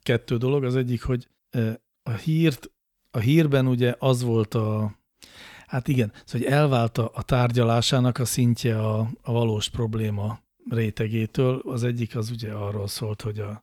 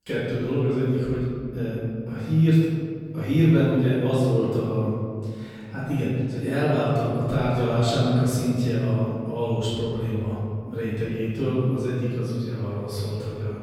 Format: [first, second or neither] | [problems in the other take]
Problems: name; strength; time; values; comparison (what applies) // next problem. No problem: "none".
first | room echo; strong; dies away in 2.4 s // off-mic speech; far